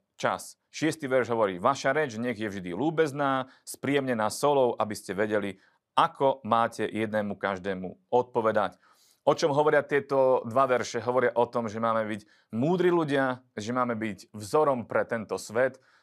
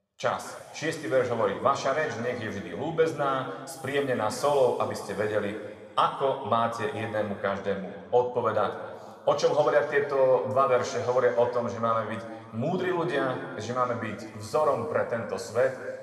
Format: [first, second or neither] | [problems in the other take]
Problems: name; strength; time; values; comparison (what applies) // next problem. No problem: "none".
first | room echo; noticeable; dies away in 1.9 s // off-mic speech; somewhat distant